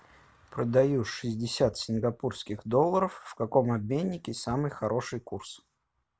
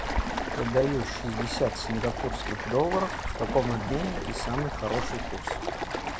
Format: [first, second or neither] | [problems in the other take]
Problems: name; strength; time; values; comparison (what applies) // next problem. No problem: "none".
first | background sound (Stream); 2 dB below the speech